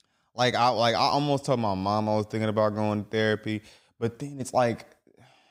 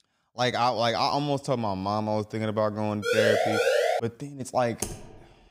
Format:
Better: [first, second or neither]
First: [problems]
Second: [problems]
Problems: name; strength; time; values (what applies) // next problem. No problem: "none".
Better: first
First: none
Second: siren; loud; at 3 s; peak 5 dB above the speech // keyboard typing; noticeable; at 5 s; peak 7 dB below the speech